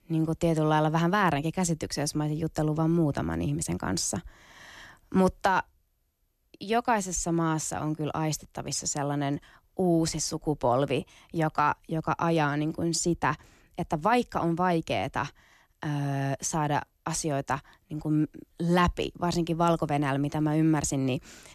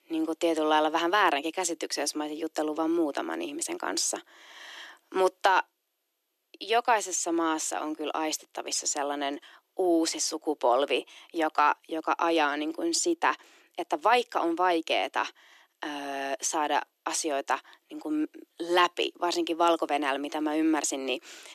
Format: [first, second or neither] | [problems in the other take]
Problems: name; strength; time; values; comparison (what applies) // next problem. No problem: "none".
first | thin; very; fading below 350 Hz